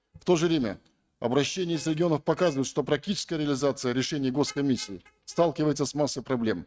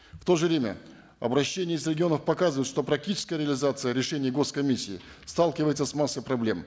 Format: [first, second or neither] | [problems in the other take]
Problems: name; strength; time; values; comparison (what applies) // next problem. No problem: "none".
second | noise reduction (neural mask model RNNoise)